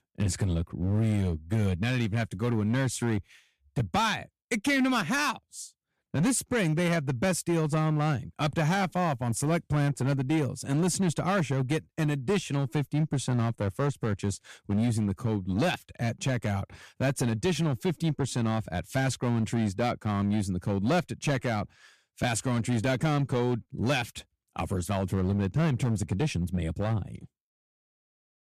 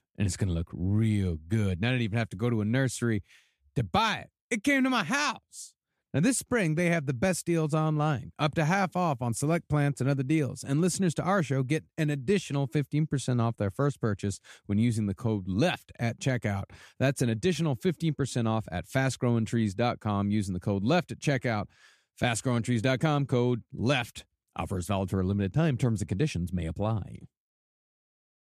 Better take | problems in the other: second | distortion; slight; 9% of the sound clipped

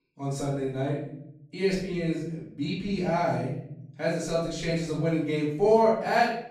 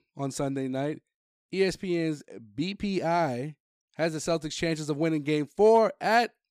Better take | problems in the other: second | room echo; noticeable; dies away in 1 s // off-mic speech; far

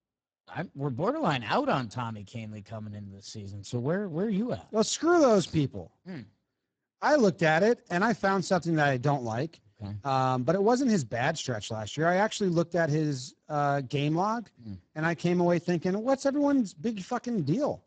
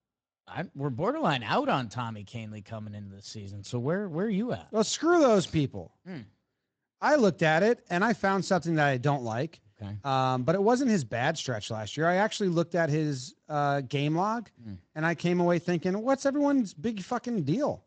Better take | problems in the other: second | garbled, watery; badly; nothing above 7.5 kHz; slightly in the second

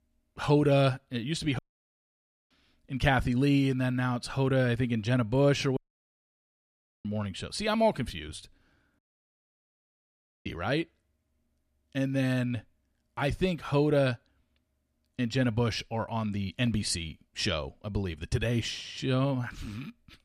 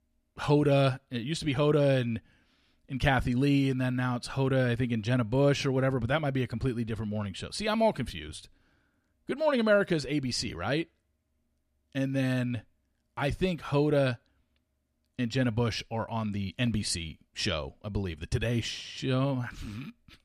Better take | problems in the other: second | audio cutting out; at 1.5 s for 1 s, at 6 s for 1.5 s and at 9 s for 1.5 s

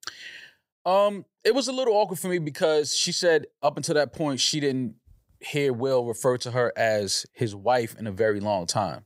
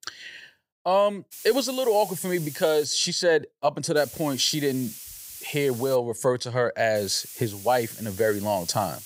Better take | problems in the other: first | hiss; noticeable; from 1.5 to 3 s, from 4 to 6 s and from 7 s on; 15 dB below the speech

